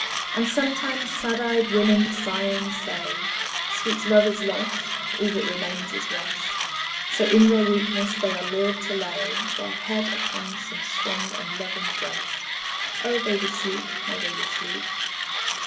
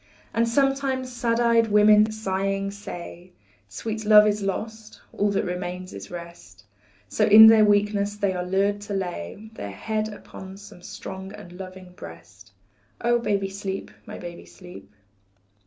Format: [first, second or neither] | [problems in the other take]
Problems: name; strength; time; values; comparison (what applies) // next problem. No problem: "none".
second | background sound (Mechanisms); 2 dB below the speech // room echo; dies away in 2 s